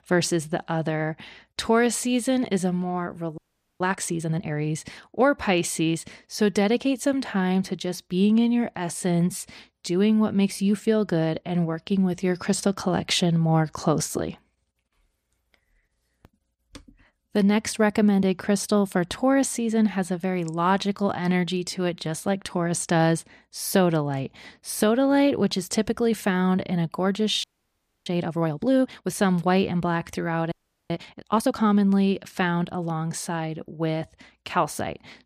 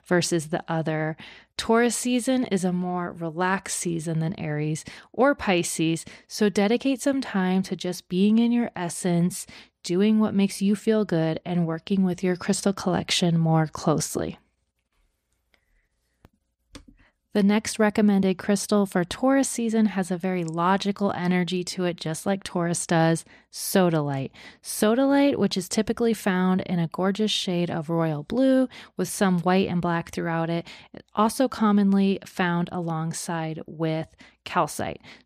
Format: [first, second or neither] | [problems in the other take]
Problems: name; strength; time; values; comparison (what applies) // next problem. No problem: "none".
second | audio freezing; at 3.5 s, at 27 s for 0.5 s and at 31 s